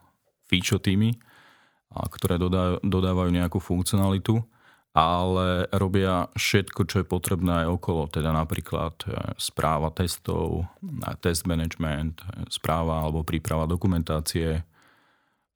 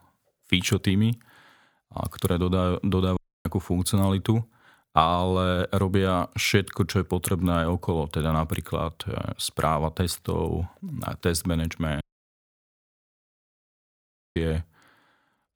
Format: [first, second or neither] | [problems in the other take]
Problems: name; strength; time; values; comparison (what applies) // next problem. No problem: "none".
first | audio cutting out; at 3 s and at 12 s for 2.5 s